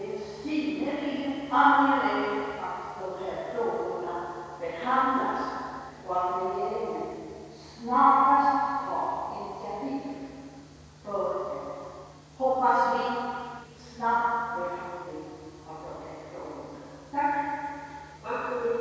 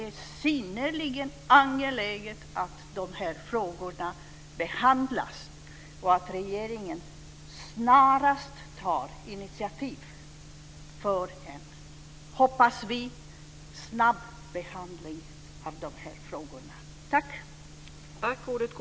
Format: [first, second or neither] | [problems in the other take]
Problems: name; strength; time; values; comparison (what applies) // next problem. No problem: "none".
second | room echo; dies away in 2.2 s